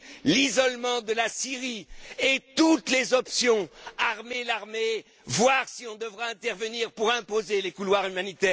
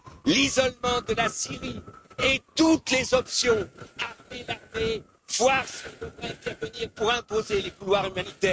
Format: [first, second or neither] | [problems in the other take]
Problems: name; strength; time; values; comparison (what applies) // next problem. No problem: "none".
first | noise reduction (neural mask model RNNoise)